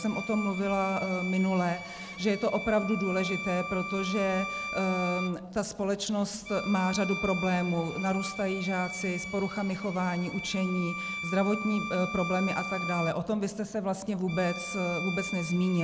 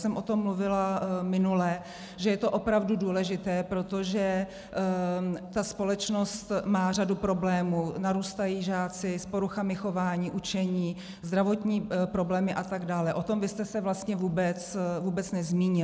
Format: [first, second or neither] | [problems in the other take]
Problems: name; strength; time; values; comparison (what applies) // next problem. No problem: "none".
second | background sound (Bowed string instrument); 8 dB below the speech